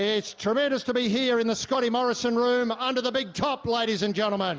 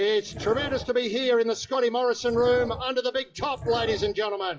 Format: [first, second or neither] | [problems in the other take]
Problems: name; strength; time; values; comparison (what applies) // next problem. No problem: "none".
first | noise reduction (classical method WPE with log-MMSE)